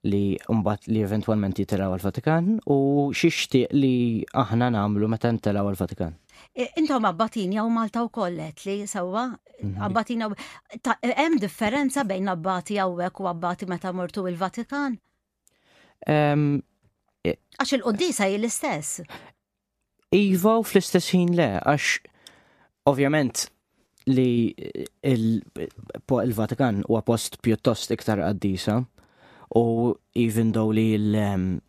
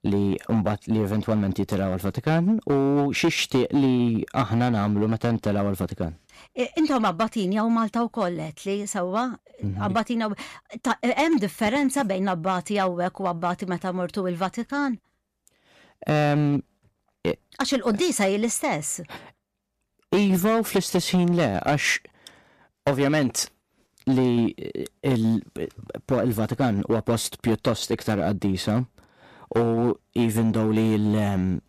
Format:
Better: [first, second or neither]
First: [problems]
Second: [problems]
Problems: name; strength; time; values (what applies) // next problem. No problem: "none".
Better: first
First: none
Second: distortion; slight; 5% of the sound clipped